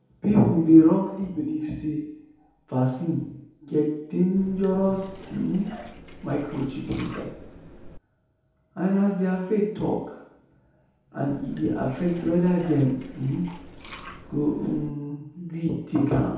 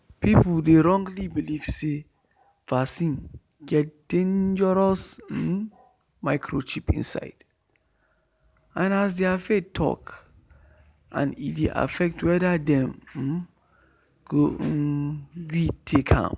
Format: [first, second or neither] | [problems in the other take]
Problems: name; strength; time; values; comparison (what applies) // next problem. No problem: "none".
second | background sound (Liquid); 18 dB below the speech // room echo; dies away in 2 s